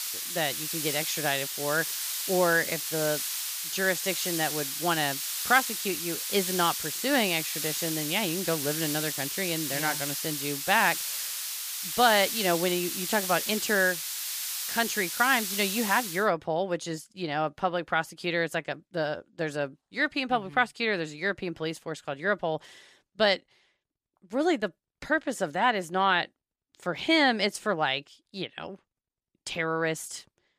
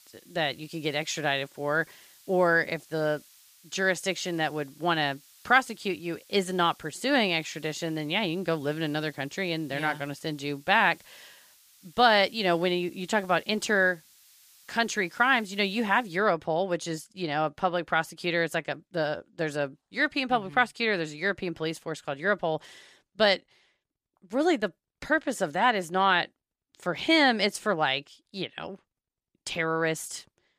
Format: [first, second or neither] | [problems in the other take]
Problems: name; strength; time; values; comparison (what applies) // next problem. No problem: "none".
second | hiss; loud; until 16 s; 2 dB below the speech; faint in the second